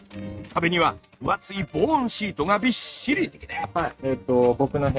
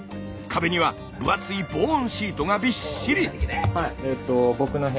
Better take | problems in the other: second | noise reduction (neural mask model RNNoise)

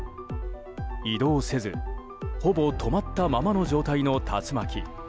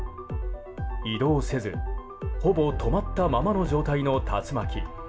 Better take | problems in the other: first | room echo; dies away in 0.2 s

